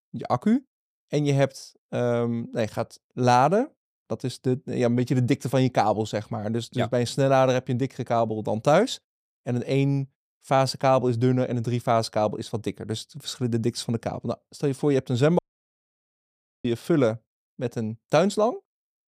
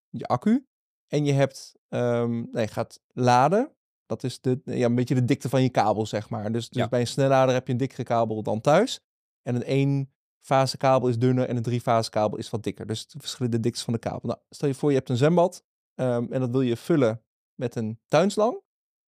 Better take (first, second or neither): second